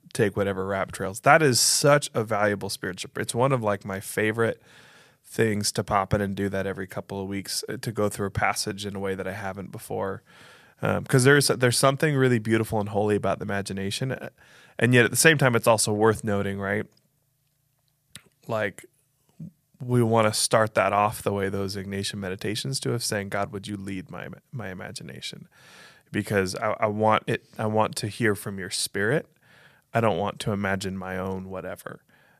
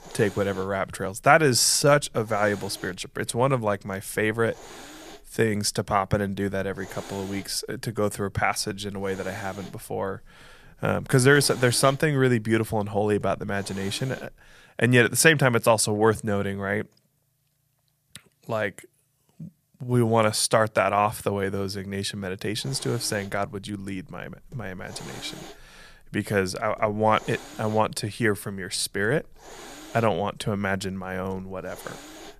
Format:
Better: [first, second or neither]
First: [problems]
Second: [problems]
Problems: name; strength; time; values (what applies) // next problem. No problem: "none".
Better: first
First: none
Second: hiss; faint; until 15 s and from 23 s on; 20 dB below the speech